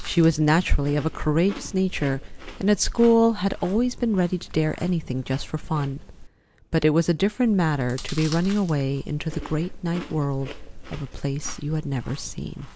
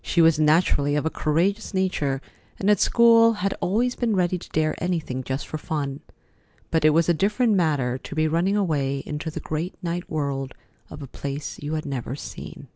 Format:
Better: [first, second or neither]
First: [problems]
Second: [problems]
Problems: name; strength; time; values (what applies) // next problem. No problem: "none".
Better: second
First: background sound (Chewing, mastication); 14 dB below the speech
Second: none